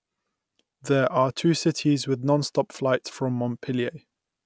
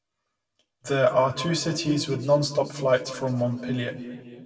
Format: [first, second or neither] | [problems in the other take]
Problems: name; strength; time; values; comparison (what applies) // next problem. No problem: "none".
first | room echo; dies away in 1.9 s